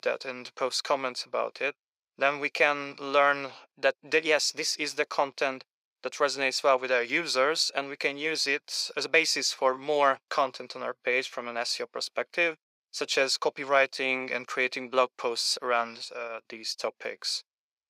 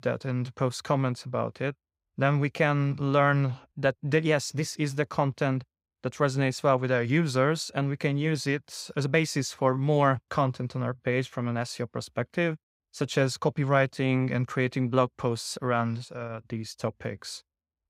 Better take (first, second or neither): second